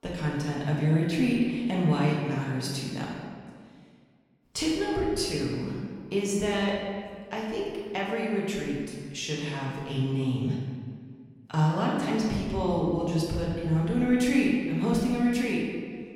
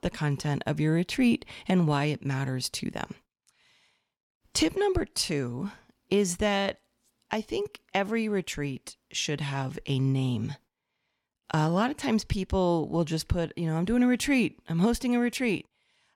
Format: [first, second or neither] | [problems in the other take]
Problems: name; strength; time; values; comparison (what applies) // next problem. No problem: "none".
second | off-mic speech; far // room echo; noticeable; dies away in 1.6 s